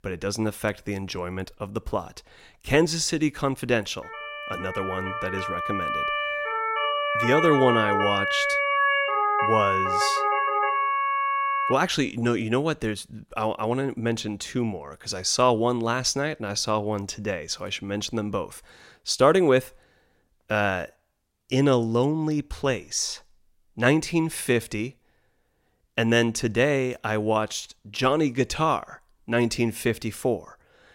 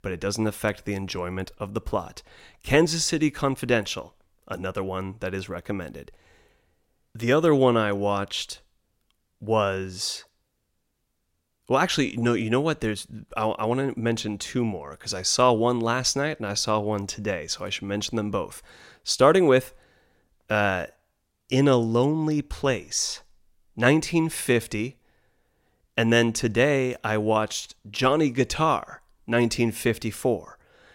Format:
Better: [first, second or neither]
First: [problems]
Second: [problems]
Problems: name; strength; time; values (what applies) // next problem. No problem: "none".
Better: second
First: siren; loud; from 4 to 12 s; peak 4 dB above the speech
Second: none